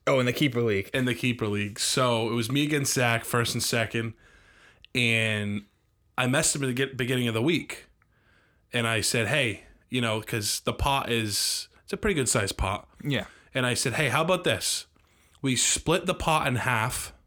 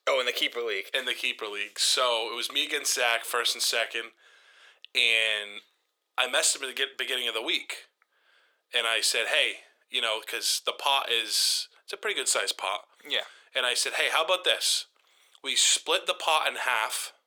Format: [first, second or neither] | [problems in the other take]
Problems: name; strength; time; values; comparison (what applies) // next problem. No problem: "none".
first | thin; very; fading below 450 Hz